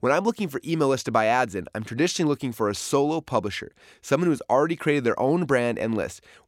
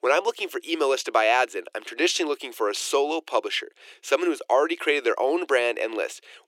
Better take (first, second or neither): first